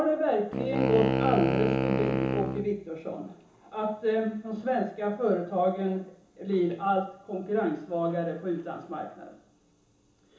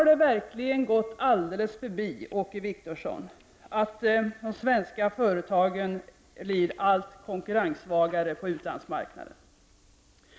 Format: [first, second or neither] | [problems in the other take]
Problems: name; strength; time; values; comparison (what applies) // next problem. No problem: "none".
second | background sound (Wind instrument, woodwind instrument); as loud as the speech // room echo; dies away in 0.8 s